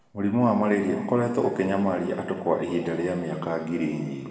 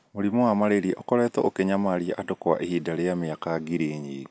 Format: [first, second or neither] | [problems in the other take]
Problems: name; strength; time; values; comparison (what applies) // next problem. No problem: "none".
second | room echo; dies away in 2 s